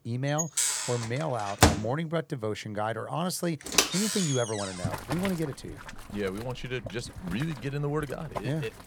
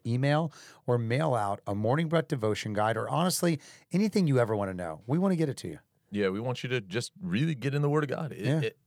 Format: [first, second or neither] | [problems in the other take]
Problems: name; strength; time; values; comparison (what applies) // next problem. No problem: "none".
second | household noises; very loud; throughout; 4 dB above the speech